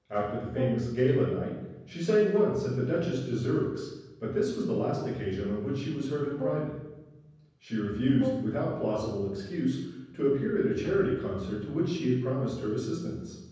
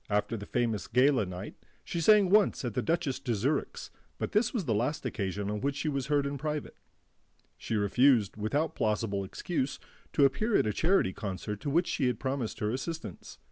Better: second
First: background sound (Brass instrument); 11 dB below the speech // room echo; dies away in 1.1 s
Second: none

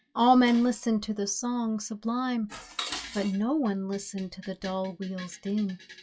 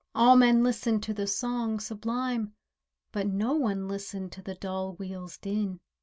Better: second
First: noise reduction (classical method log-MMSE)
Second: none

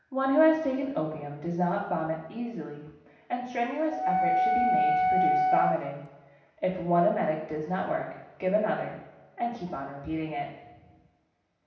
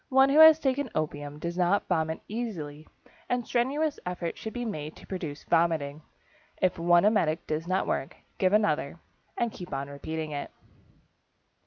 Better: second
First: background sound (Wind instrument, woodwind instrument); 4 dB above the speech // room echo; dies away in 0.9 s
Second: none

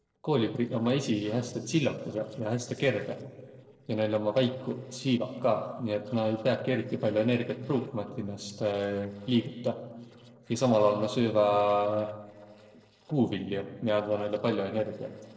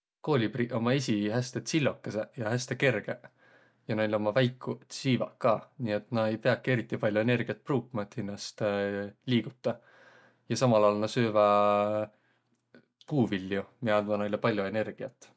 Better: second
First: noise reduction (neural separator model SepFormer DNS4)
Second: none

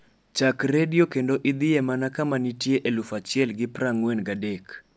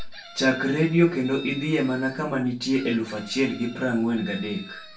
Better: first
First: none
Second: background sound (Chicken, rooster); 19 dB below the speech // room echo; dies away in 0.3 s

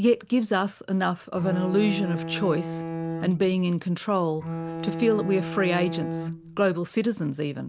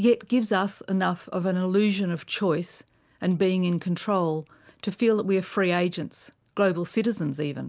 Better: second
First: background sound (Bowed string instrument); 7 dB below the speech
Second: none

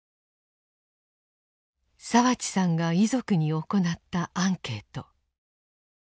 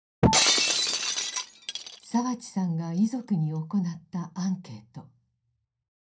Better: first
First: none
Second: background sound (Shatter); 4 dB above the speech // room echo; dies away in 0.3 s

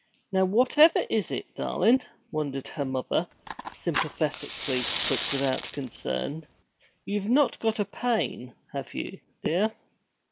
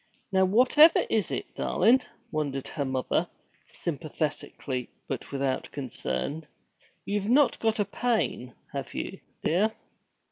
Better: second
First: background sound (Fire); 8 dB below the speech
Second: none

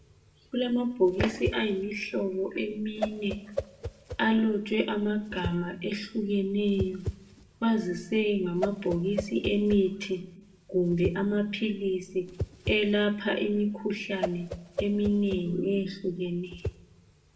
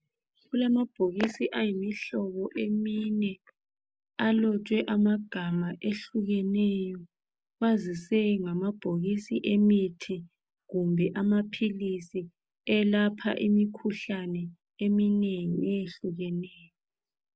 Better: second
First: background sound (Whoosh, swoosh, swish); 11 dB below the speech // room echo; dies away in 0.6 s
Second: none

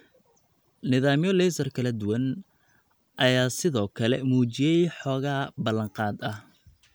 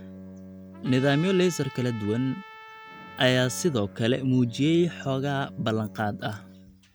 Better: first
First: none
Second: background sound (Bowed string instrument + Trumpet); 17 dB below the speech

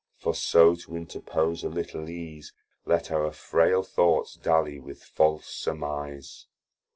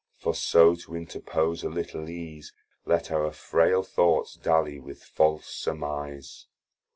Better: second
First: noise reduction (neural separator model SepFormer DNS4)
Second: none

